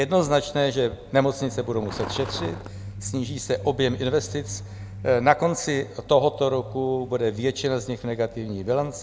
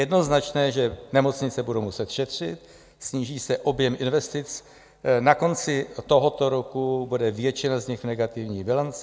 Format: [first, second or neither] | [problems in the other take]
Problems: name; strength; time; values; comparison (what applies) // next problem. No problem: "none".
second | background sound (Truck); 14 dB below the speech